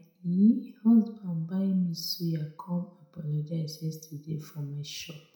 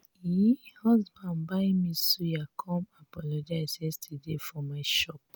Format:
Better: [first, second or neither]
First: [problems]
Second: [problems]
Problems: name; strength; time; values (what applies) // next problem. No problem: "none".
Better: second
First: room echo; dies away in 0.5 s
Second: none